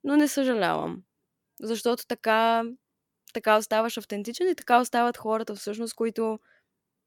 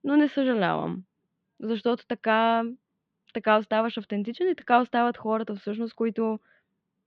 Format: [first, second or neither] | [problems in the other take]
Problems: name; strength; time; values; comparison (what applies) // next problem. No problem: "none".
first | muffled; slightly; fading above 3.5 kHz